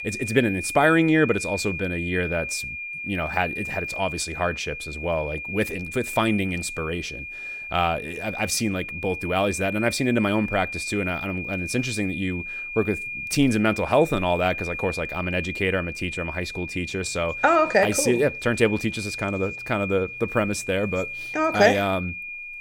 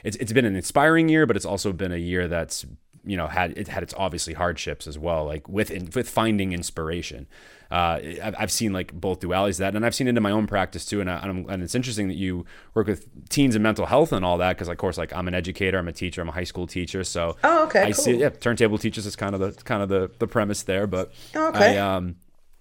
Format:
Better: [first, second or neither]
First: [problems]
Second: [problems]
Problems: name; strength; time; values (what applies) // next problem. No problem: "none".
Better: second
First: high-pitched whine; loud; throughout; 2.5 kHz, 7 dB below the speech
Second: none